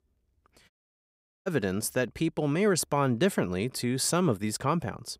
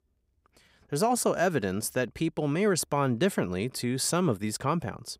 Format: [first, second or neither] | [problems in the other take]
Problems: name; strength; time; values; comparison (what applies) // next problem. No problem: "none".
second | audio cutting out; at 0.5 s for 1 s